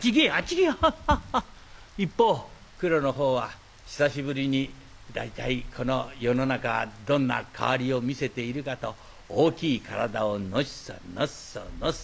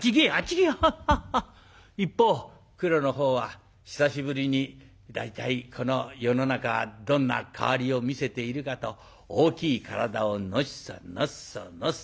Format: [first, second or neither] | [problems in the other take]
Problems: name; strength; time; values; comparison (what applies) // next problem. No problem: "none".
second | background sound (Rain); 19 dB below the speech